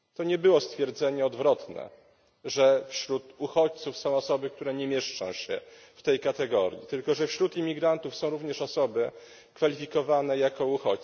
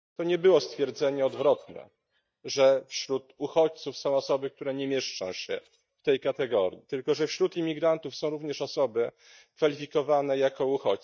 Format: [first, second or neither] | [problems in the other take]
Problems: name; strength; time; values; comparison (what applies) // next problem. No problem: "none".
first | noise reduction (neural mask model DeepFilterNet 3)